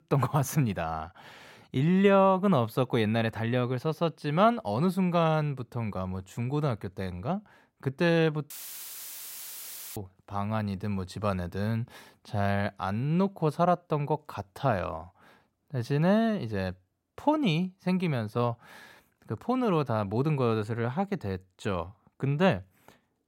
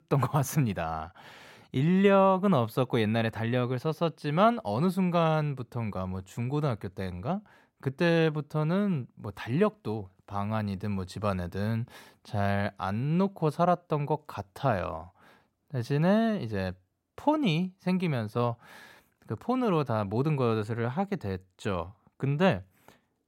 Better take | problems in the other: second | audio cutting out; filled with static; at 8.5 s for 1.5 s

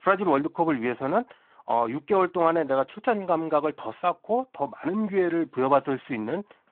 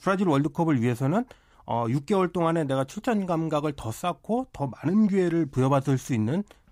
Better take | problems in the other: second | phone-call audio

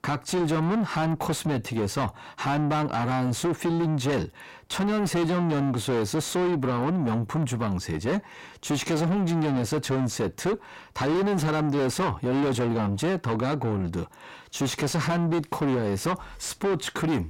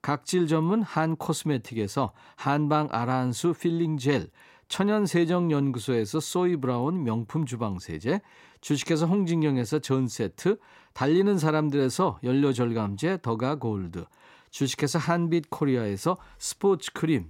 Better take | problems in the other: second | distortion; heavy; 7 dB below the speech

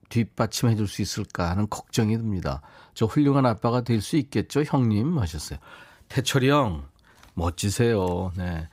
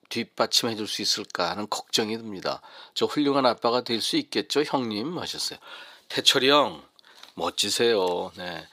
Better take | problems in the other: first | thin; somewhat; fading below 400 Hz

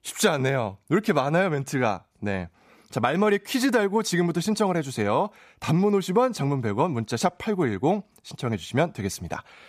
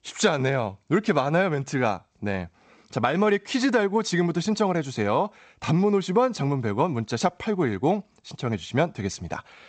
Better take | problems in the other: first | garbled, watery; slightly; nothing above 8 kHz

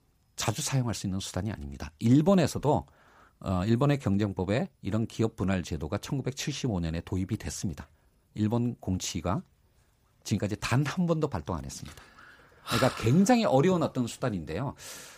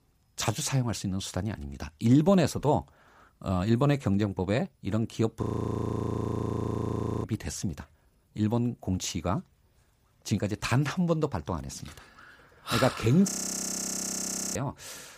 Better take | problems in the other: first | audio freezing; at 5.5 s for 2 s and at 13 s for 1.5 s

